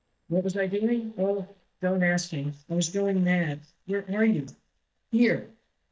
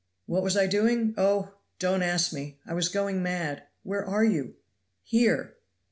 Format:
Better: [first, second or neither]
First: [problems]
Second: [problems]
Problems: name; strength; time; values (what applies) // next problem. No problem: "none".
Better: second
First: noise reduction (neural mask model DeepFilterNet 3)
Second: none